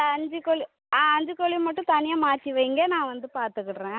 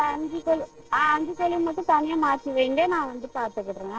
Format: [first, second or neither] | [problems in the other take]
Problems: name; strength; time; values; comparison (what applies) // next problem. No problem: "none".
first | noise reduction (neural separator model SepFormer DNS4)